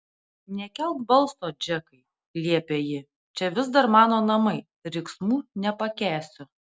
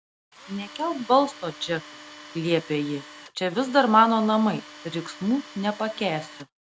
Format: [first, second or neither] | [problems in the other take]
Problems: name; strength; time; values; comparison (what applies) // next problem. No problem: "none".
first | background sound (Tools); 19 dB below the speech